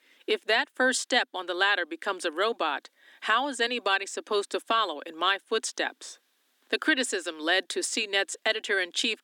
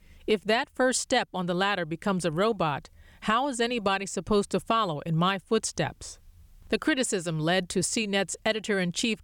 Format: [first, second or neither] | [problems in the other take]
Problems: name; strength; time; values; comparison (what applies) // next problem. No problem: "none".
second | thin; somewhat; fading below 250 Hz